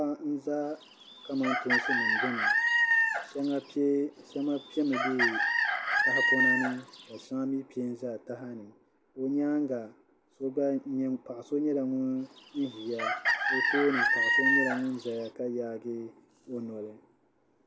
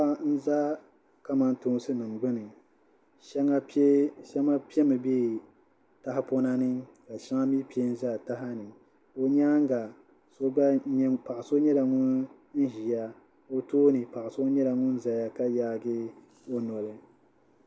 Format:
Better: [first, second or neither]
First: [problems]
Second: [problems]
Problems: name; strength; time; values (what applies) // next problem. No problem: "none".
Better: second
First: background sound (Chicken, rooster); 4 dB above the speech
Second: none